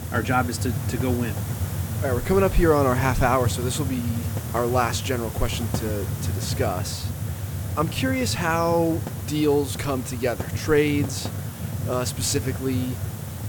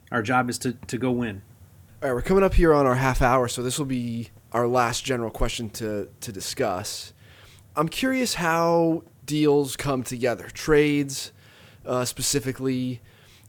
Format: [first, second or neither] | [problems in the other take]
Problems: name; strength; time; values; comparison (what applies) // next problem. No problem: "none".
second | hiss; loud; throughout; 4 dB below the speech; faint in the second